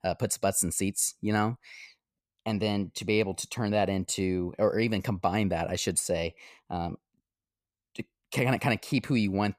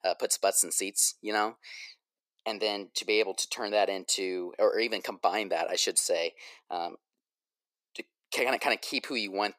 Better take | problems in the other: first | thin; very; fading below 350 Hz

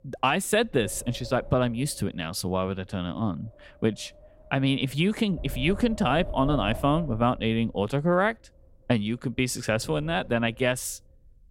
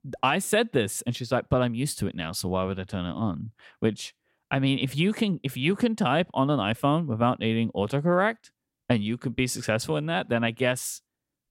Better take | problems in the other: second | wind noise on the microphone; occasional gusts; 15 dB below the speech

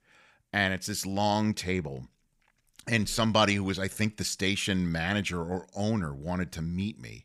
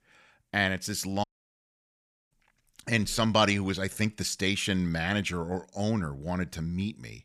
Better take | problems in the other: first | audio cutting out; at 1 s for 1 s

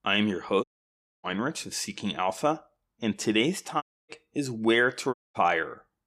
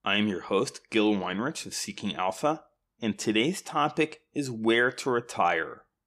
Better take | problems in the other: second | audio cutting out; at 0.5 s for 0.5 s, at 4 s and at 5 s

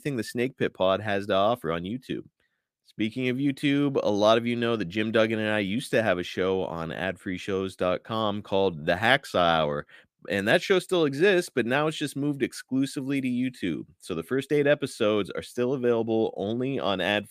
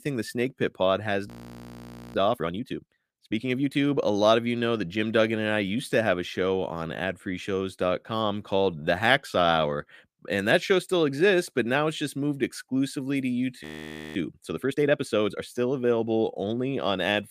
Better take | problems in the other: first | audio freezing; at 1.5 s for 1 s and at 14 s for 0.5 s

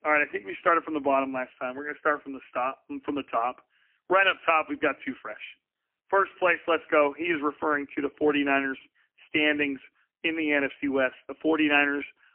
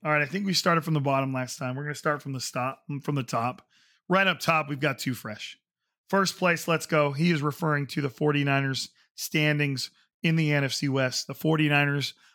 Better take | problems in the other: second | phone-call audio; poor line; nothing above 3 kHz

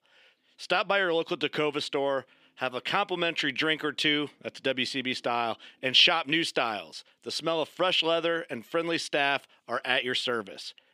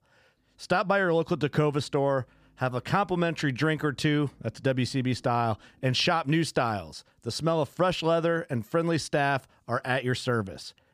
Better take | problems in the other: second | thin; somewhat; fading below 350 Hz

